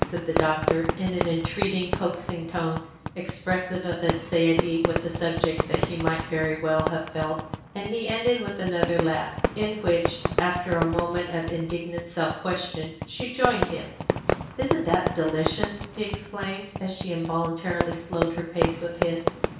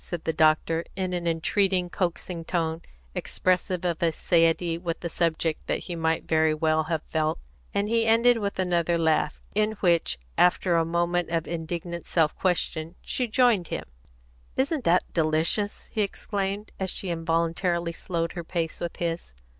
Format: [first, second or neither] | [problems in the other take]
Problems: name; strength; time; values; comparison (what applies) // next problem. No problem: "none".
second | background sound (Fireworks); 3 dB below the speech // room echo; dies away in 0.6 s